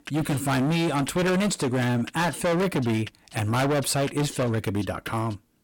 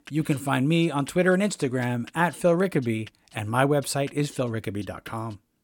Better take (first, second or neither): second